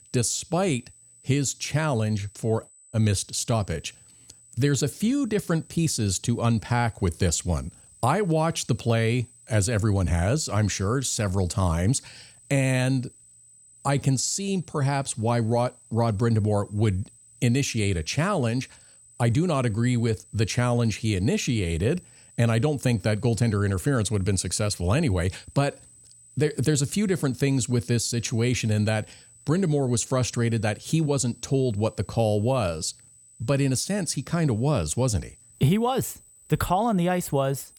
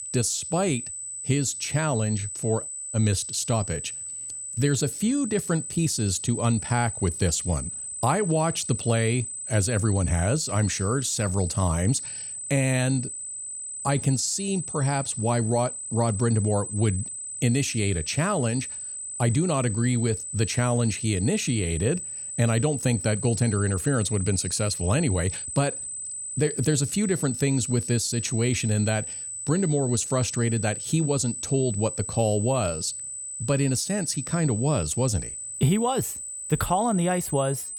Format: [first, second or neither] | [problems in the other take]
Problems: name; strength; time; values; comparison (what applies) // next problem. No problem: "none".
first | high-pitched whine; loud; throughout; 8 kHz, 6 dB below the speech; faint in the first